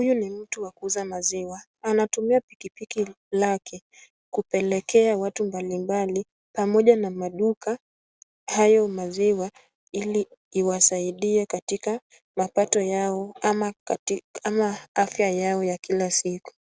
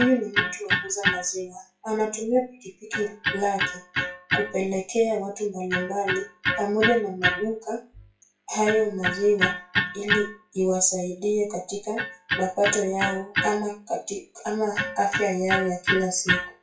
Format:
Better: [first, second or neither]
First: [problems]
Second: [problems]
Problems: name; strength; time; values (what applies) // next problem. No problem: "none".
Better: first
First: none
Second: noise reduction (classical method WPE with log-MMSE)